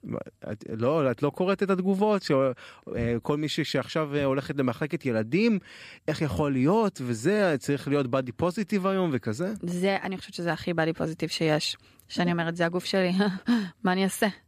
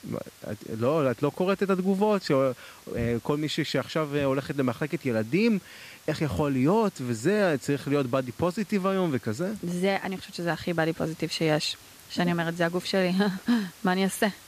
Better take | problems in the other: first | hiss; faint; throughout; 25 dB below the speech

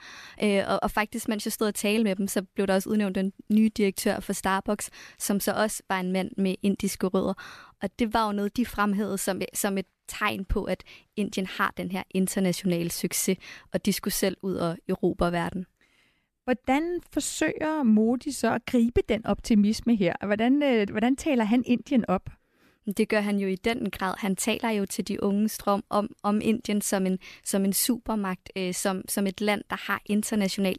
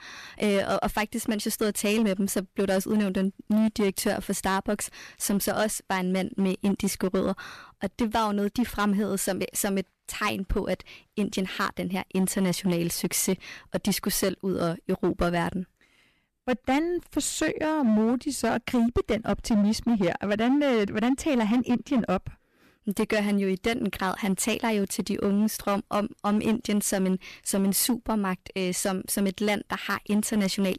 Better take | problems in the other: first | distortion; slight; 9% of the sound clipped

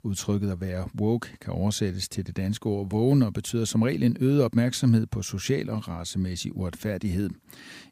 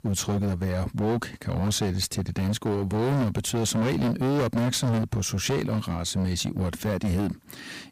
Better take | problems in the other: first | distortion; heavy; 24% of the sound clipped

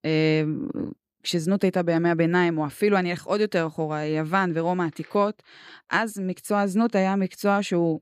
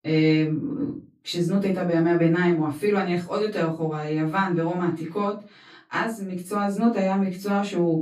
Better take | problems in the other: first | off-mic speech; far // room echo; slight; dies away in 0.3 s

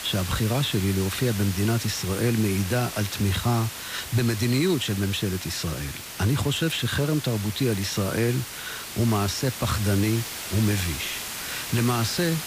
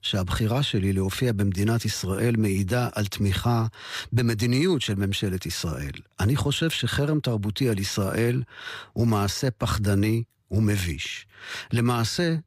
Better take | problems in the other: second | hiss; loud; throughout; 8 dB below the speech

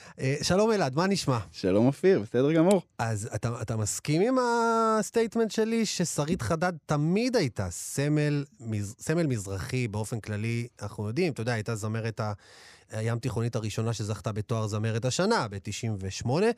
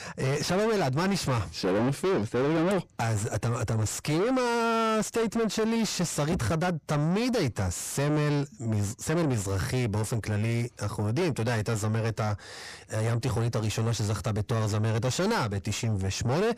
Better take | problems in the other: first | distortion; heavy; 6 dB below the speech

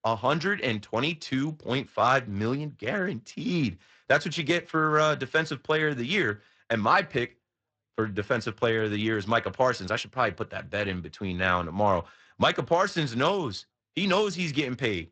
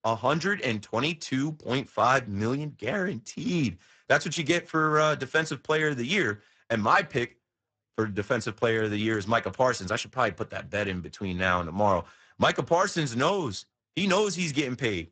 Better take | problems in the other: first | garbled, watery; badly; nothing above 8 kHz; slightly in the first

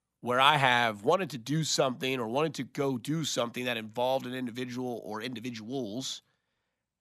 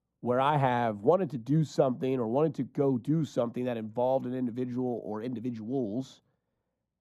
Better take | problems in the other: first | muffled; very; fading above 1 kHz

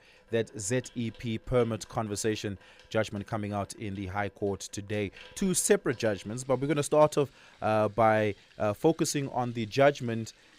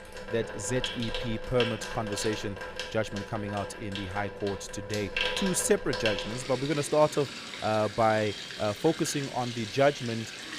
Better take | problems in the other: first | household noises; loud; throughout; 6 dB below the speech; faint in the first

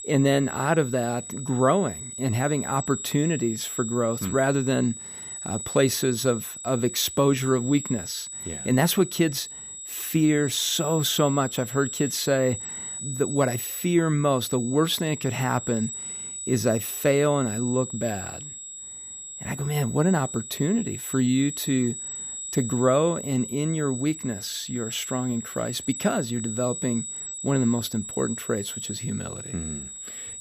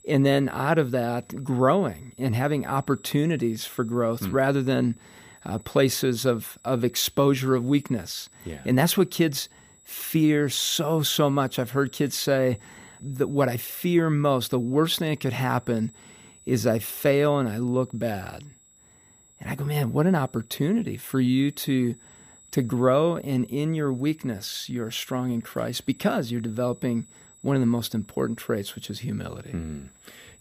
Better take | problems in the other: second | high-pitched whine; loud; throughout; 8 kHz, 8 dB below the speech; faint in the second

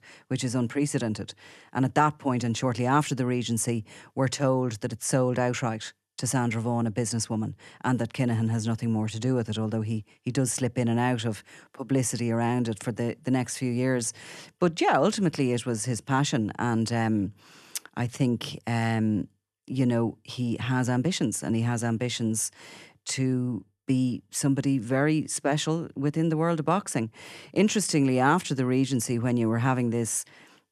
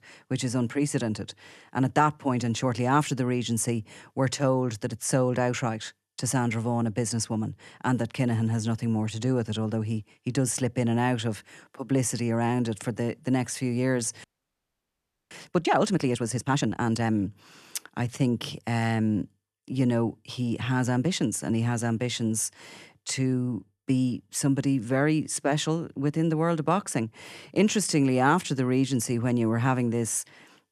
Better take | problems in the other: first | audio freezing; at 14 s for 1 s

